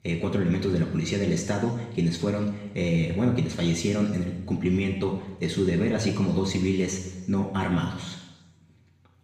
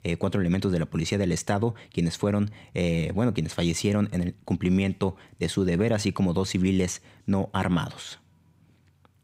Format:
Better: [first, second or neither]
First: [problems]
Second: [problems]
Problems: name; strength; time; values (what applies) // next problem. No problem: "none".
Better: second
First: room echo; noticeable; dies away in 1 s // off-mic speech; far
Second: none